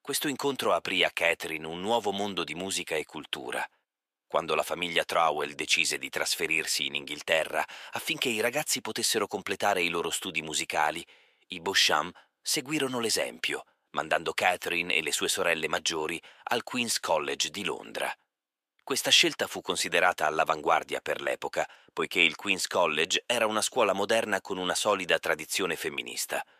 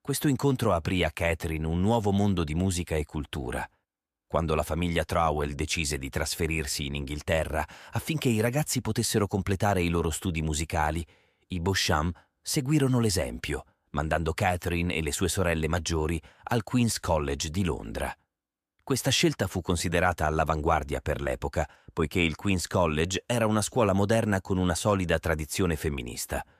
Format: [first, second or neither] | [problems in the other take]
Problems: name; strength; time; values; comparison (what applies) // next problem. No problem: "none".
second | thin; somewhat; fading below 400 Hz